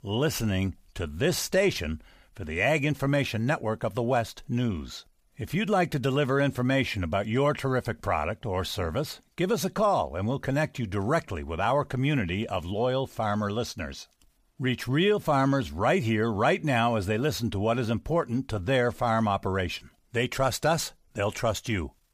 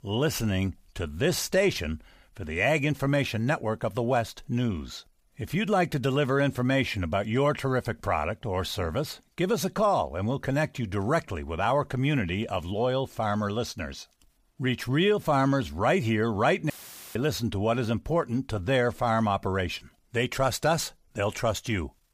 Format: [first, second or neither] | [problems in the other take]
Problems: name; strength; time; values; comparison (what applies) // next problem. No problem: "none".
first | audio cutting out; filled with static; at 17 s